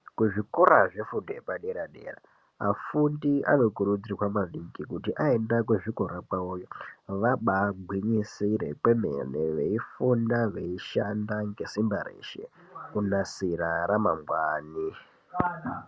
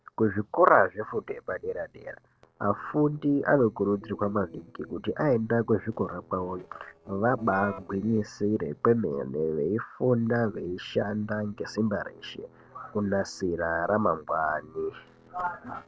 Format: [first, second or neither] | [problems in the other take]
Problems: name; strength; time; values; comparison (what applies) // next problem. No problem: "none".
first | noise reduction (neural separator model SepFormer DNS4)